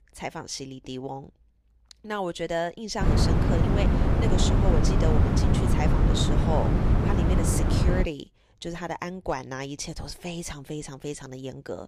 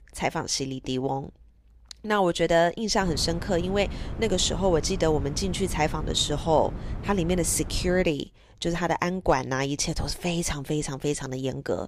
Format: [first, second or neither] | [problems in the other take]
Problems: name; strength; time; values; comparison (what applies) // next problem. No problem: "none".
second | wind noise on the microphone; heavy; from 3 to 8 s; 2 dB above the speech; occasional gusts in the second